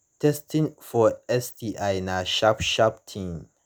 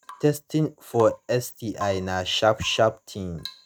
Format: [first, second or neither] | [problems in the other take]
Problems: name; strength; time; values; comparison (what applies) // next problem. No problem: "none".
first | noise reduction (neural mask model RNNoise)